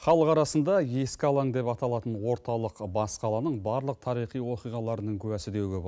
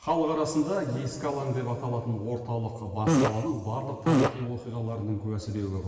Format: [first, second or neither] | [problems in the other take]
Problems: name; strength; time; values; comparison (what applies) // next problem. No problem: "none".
first | background sound (Fart); 4 dB above the speech // room echo; dies away in 2.6 s